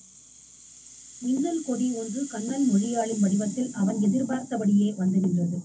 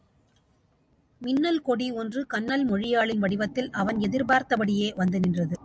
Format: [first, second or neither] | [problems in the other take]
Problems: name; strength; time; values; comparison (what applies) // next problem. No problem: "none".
second | background sound (Rattle (instrument)); 17 dB below the speech // room echo; dies away in 0.3 s